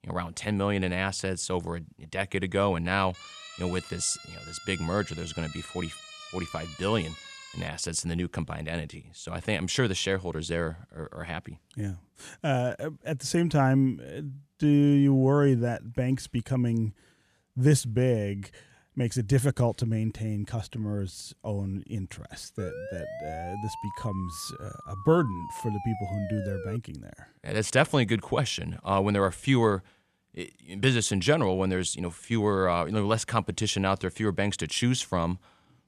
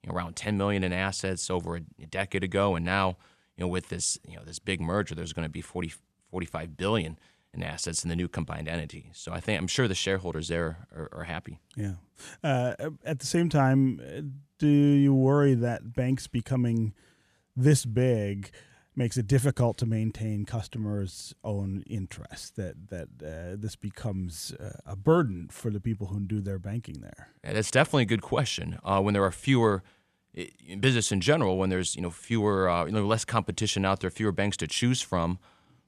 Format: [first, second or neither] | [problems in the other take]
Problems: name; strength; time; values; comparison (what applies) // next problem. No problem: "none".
second | siren; faint; from 3 to 7.5 s; peak 15 dB below the speech // siren; noticeable; from 23 to 27 s; peak 10 dB below the speech